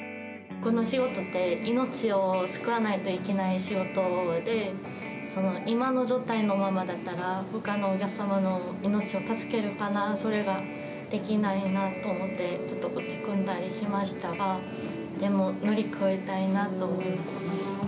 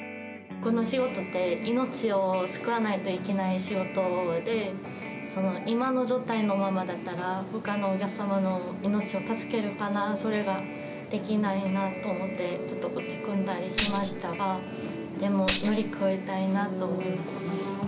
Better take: first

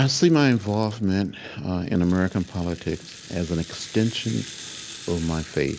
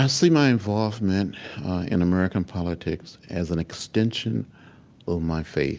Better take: second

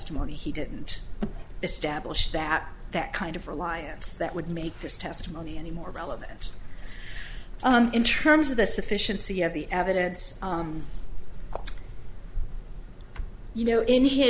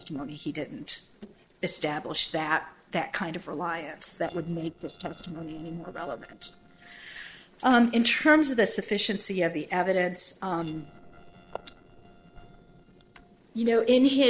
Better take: first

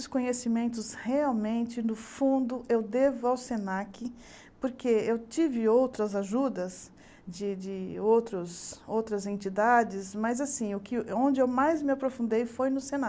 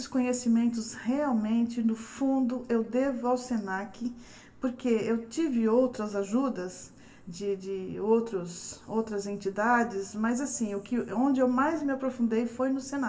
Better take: first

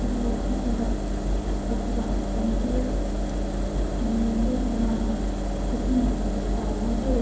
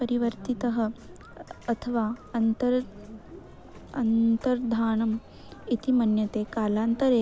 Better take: second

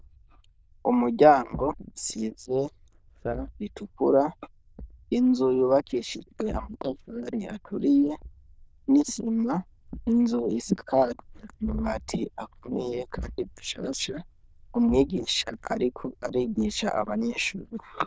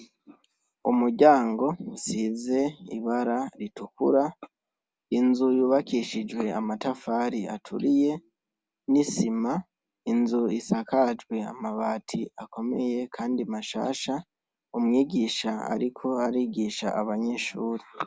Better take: second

